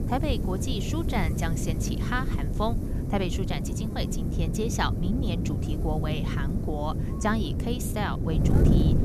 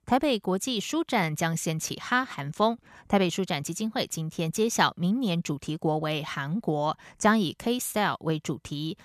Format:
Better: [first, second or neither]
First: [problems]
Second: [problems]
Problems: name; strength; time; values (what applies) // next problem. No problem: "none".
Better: second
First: wind noise on the microphone; heavy; 4 dB below the speech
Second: none